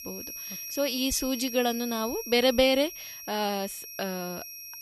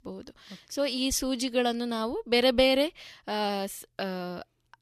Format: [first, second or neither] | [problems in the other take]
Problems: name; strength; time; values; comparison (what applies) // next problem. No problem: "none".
second | high-pitched whine; loud; throughout; 5.5 kHz, 10 dB below the speech